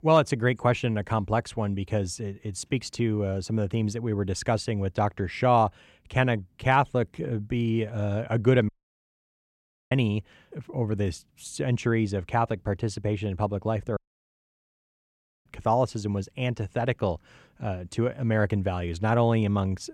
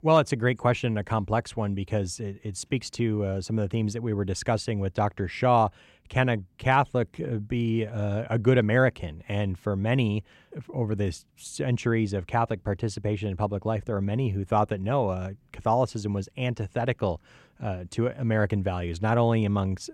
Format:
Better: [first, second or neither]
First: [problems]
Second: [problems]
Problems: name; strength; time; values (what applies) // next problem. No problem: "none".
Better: second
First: audio cutting out; at 8.5 s for 1 s and at 14 s for 1.5 s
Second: none